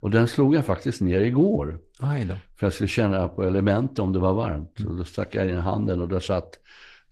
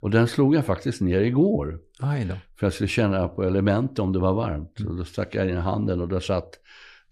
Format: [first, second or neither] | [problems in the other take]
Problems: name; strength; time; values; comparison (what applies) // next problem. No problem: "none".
second | garbled, watery; slightly; nothing above 14 kHz